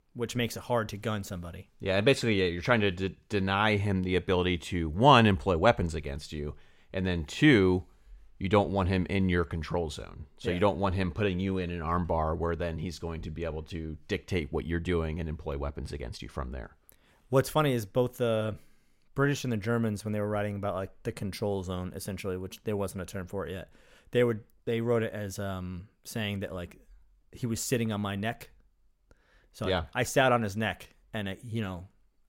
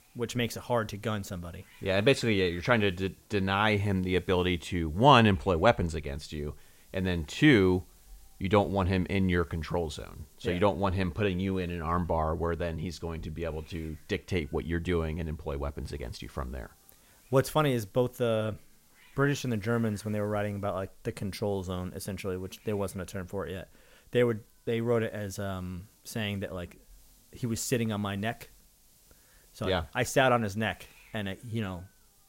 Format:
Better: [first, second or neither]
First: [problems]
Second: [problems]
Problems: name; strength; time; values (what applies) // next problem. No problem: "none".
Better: first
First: none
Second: hiss; faint; throughout; 30 dB below the speech